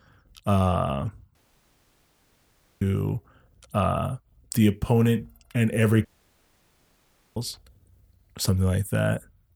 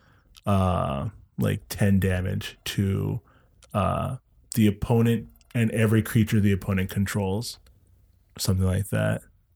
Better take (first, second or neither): second